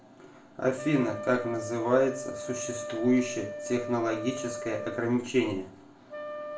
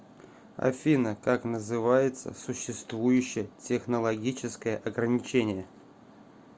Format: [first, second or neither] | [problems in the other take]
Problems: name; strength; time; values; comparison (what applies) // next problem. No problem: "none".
second | background sound (Wind instrument, woodwind instrument); 9 dB below the speech // room echo; dies away in 0.4 s